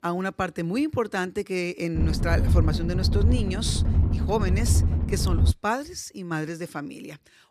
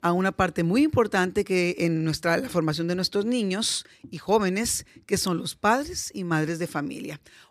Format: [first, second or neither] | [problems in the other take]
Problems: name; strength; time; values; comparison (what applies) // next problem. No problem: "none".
second | low rumble; loud; from 2 to 5.5 s; 7 dB below the speech